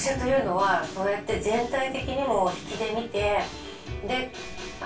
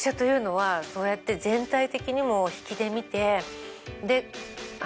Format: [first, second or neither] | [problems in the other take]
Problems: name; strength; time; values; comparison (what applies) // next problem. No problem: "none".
second | background sound (Thunder / Rain); 15 dB below the speech // room echo; dies away in 0.2 s